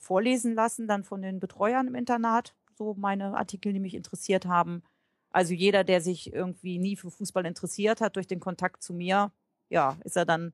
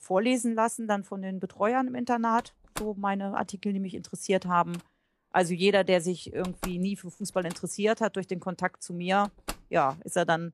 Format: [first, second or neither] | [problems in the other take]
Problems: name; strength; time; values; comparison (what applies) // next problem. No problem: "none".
first | door banging; faint; from 2.5 to 9.5 s; peak 10 dB below the speech